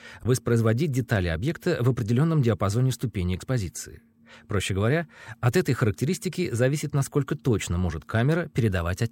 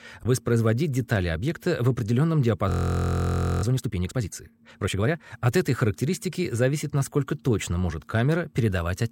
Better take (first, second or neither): first